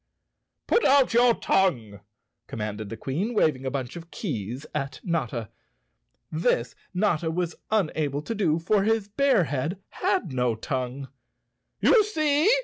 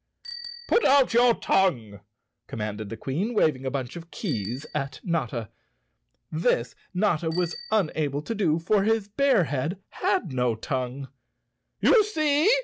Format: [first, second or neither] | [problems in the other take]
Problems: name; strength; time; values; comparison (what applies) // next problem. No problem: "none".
first | background sound (Bicycle bell); 20 dB below the speech